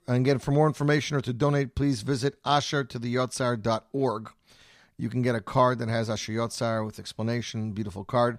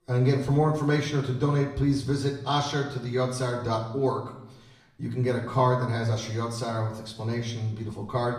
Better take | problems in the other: first | room echo; slight; dies away in 0.7 s // off-mic speech; far

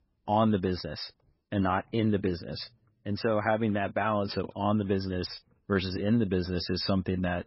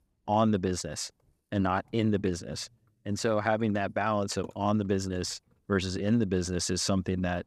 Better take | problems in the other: second | garbled, watery; badly; nothing above 5.5 kHz

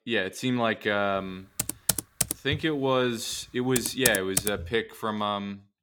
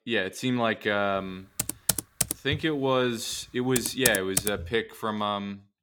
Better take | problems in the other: neither | keyboard typing; loud; from 1.5 to 4.5 s; peak 3 dB above the speech; the same in both

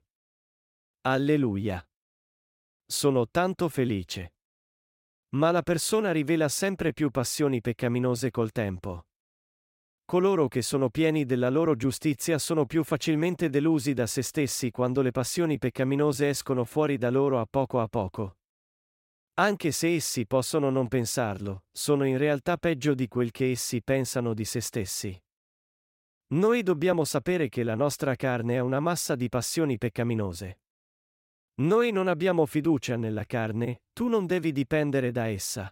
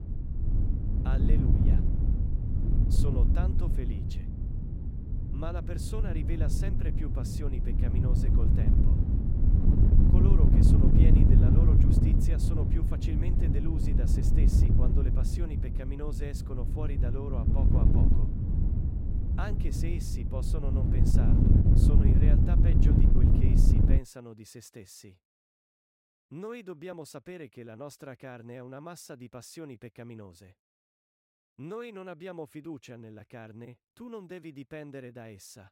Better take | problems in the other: first | wind noise on the microphone; heavy; until 24 s; 4 dB above the speech

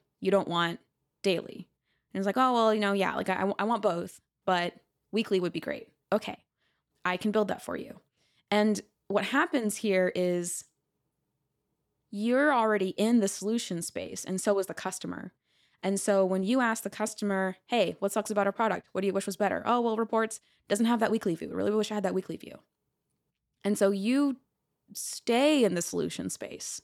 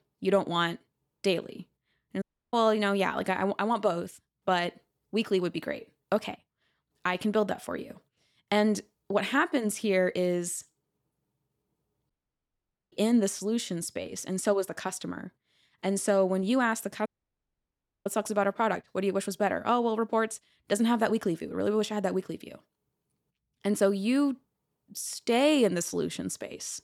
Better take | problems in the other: first | audio cutting out; at 2 s, at 12 s for 1 s and at 17 s for 1 s

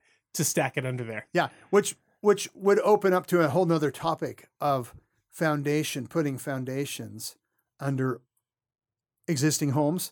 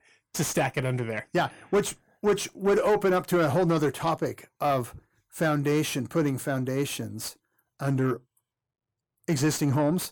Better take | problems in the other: first | distortion; slight; 10 dB below the speech

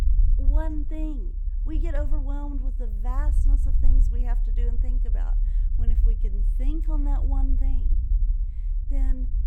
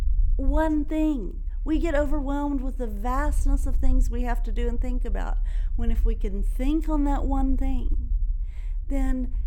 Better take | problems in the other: second | low rumble; loud; throughout; 8 dB below the speech; faint in the second

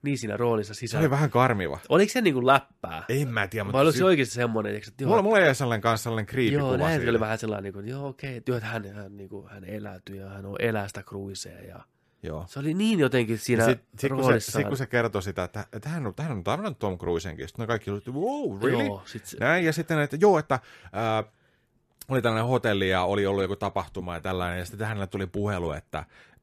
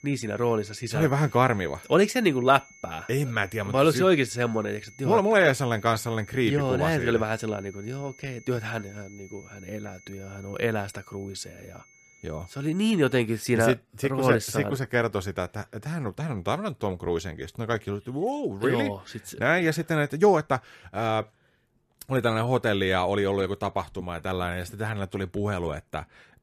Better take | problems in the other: first | high-pitched whine; faint; until 13 s; 2 kHz, 25 dB below the speech

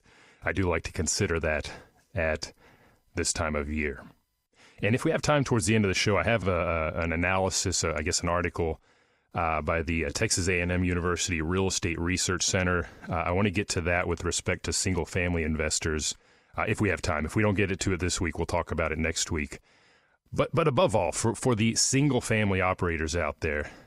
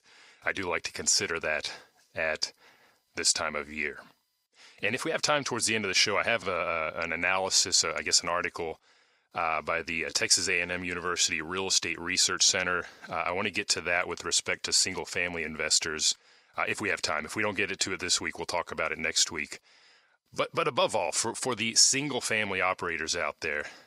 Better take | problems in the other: first | thin; somewhat; fading below 800 Hz

